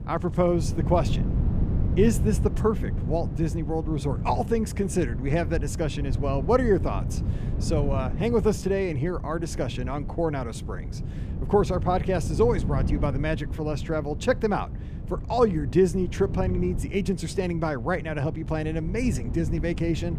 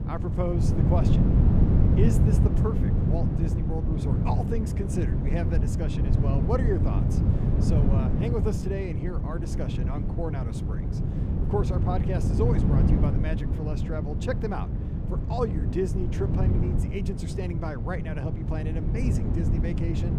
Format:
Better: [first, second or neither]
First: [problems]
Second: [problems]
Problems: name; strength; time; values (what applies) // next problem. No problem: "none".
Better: first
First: wind noise on the microphone; occasional gusts; 15 dB below the speech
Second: wind noise on the microphone; heavy; 1 dB below the speech